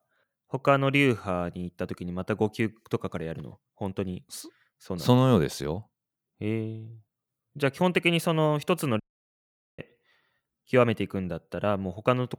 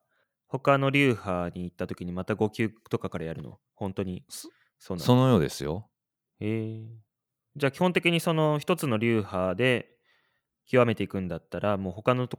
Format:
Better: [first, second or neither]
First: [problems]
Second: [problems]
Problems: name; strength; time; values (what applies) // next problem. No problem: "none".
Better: second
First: audio cutting out; at 9 s for 1 s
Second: none